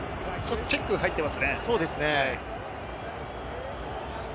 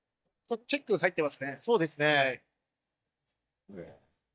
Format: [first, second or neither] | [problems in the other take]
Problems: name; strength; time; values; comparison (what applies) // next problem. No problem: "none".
first | noise reduction (neural mask model DeepFilterNet 3)